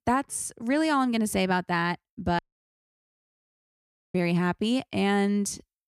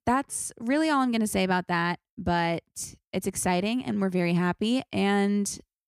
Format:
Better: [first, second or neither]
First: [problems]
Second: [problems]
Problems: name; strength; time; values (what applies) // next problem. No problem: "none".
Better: second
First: audio cutting out; at 2.5 s for 1.5 s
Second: none